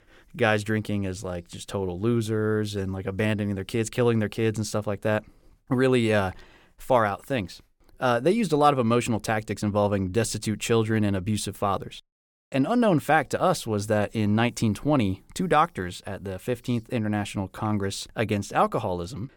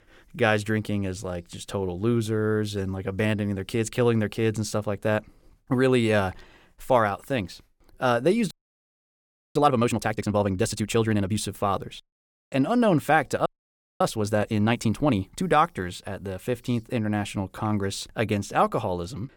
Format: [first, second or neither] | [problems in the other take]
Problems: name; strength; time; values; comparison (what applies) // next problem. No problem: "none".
first | audio freezing; at 8.5 s for 1 s and at 13 s for 0.5 s